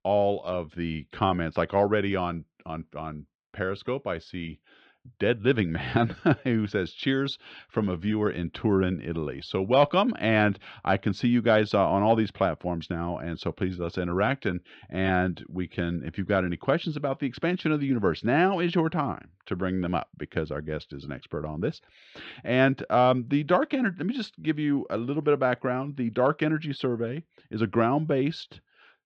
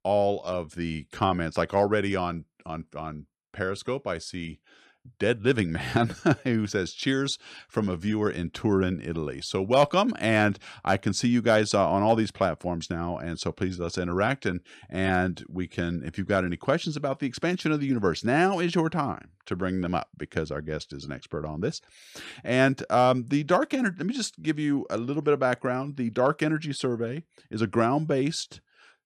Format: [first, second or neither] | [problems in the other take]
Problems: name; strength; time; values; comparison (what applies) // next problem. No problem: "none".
second | muffled; slightly; fading above 3.5 kHz